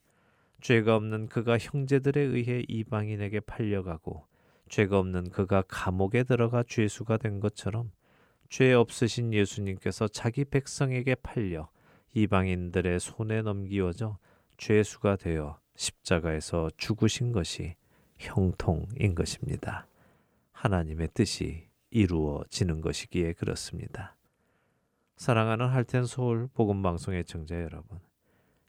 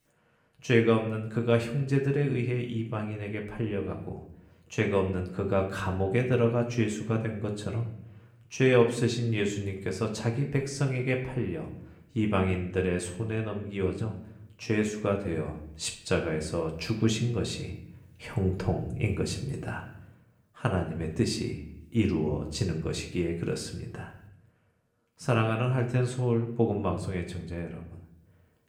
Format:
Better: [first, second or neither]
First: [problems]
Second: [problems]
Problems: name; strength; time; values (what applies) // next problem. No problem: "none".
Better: first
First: none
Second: room echo; slight; dies away in 0.6 s // off-mic speech; somewhat distant